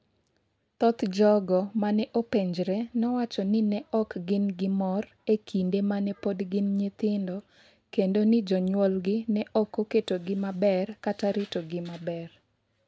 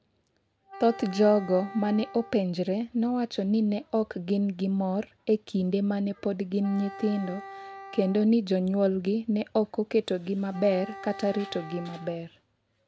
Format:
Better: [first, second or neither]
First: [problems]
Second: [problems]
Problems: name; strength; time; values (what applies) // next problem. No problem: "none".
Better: first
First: none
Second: background sound (Wind instrument, woodwind instrument); 17 dB below the speech